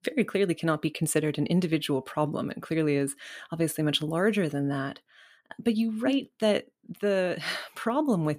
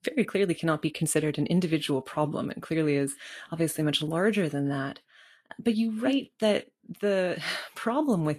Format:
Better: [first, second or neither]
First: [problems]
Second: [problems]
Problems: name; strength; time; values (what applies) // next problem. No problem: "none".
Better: first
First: none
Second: garbled, watery; slightly; nothing above 13 kHz